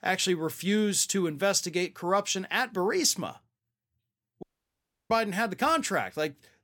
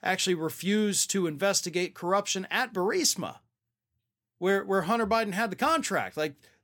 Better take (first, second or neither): second